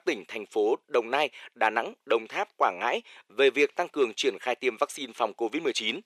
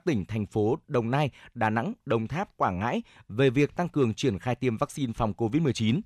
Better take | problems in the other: second | thin; very; fading below 400 Hz

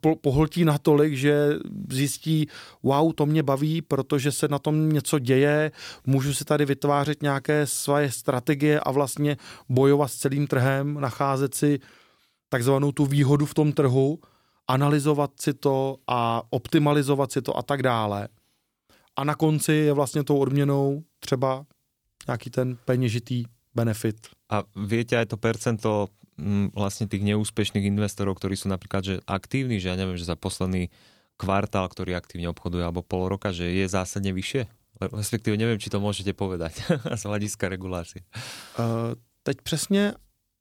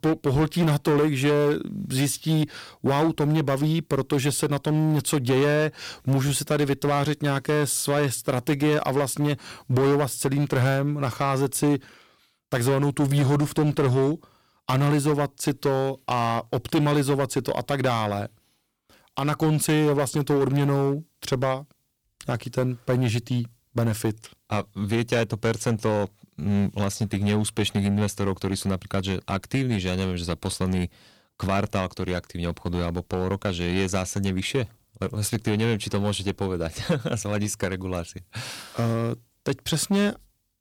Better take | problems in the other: first | distortion; slight; 9% of the sound clipped

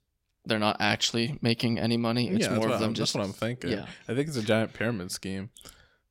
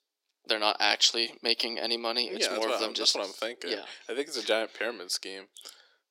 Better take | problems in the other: first | thin; very; fading below 350 Hz

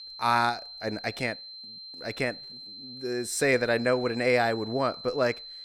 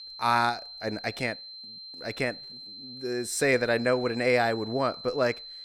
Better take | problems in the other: neither | high-pitched whine; noticeable; throughout; 4 kHz, 15 dB below the speech; the same in both

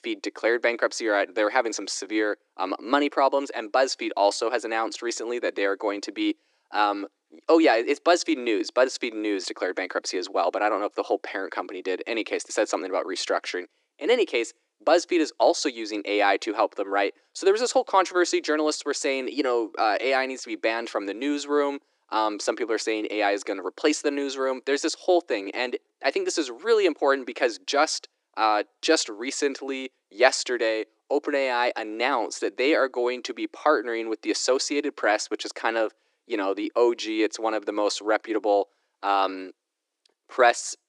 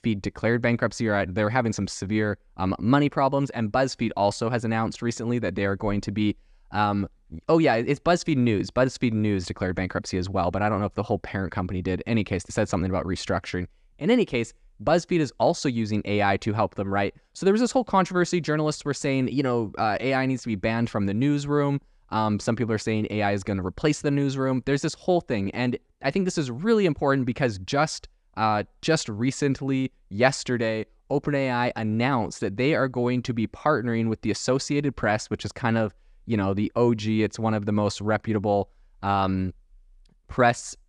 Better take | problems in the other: second | thin; somewhat; fading below 300 Hz

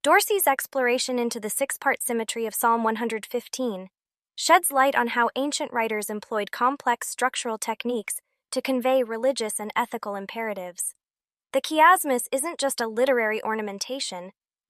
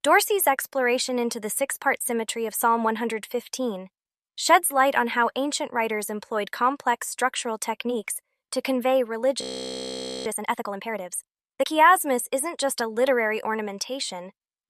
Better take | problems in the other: first | audio freezing; at 9.5 s for 1 s

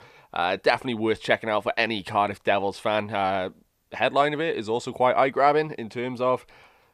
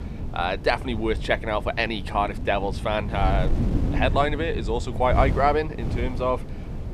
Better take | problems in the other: first | wind noise on the microphone; occasional gusts; 15 dB below the speech

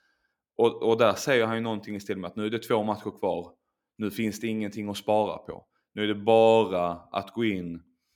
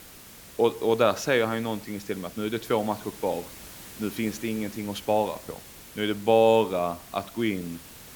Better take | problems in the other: first | hiss; noticeable; throughout; 15 dB below the speech

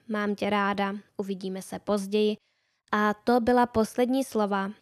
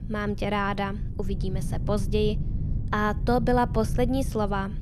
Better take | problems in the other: first | low rumble; noticeable; throughout; 15 dB below the speech

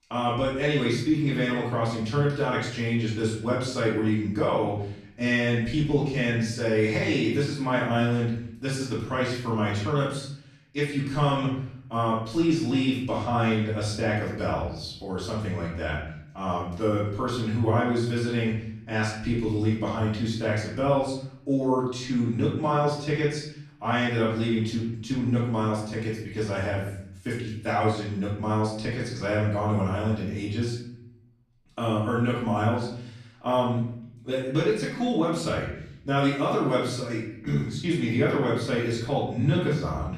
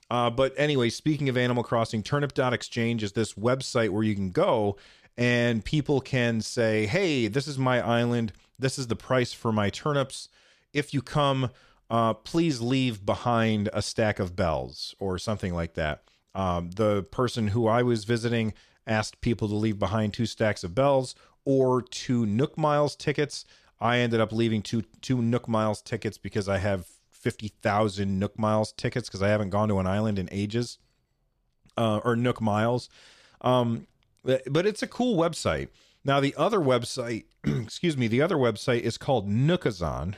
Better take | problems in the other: second | room echo; noticeable; dies away in 0.7 s // off-mic speech; far

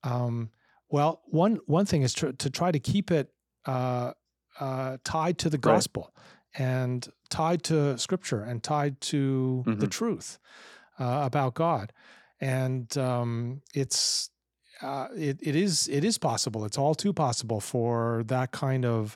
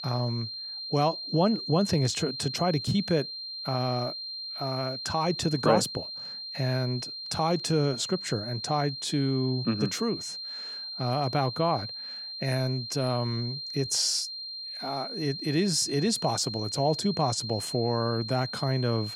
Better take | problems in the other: first | high-pitched whine; loud; throughout; 4 kHz, 6 dB below the speech

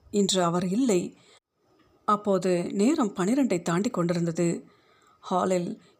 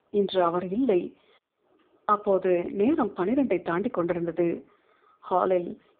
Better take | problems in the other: first | phone-call audio; poor line; nothing above 3.5 kHz

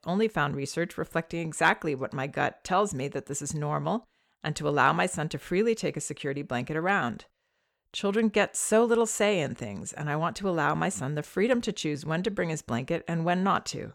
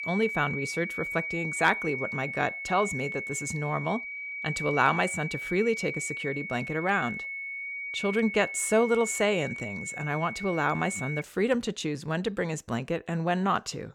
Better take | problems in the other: first | high-pitched whine; loud; until 11 s; 2.5 kHz, 5 dB below the speech

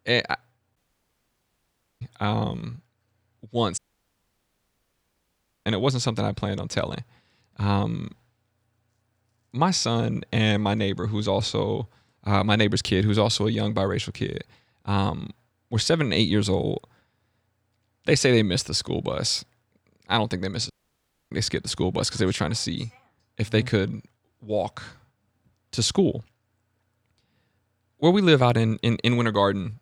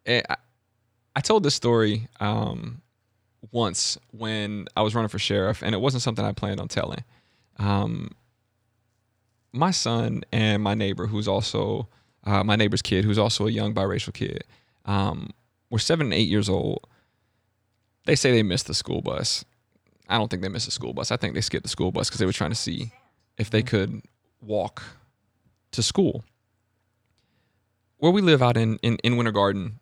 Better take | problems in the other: second | audio cutting out; at 1 s for 1 s, at 4 s for 2 s and at 21 s for 0.5 s

